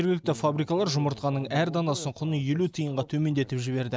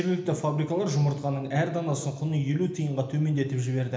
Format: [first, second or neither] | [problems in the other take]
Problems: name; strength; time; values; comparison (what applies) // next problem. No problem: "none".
first | room echo; dies away in 1 s